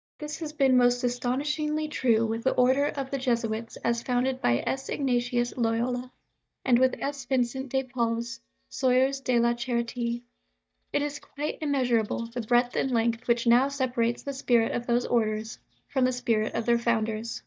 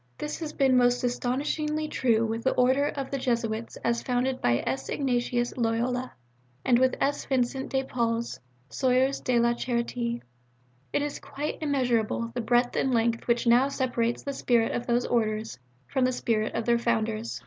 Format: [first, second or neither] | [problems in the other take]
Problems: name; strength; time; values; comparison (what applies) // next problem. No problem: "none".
second | noise reduction (neural mask model DeepFilterNet 3)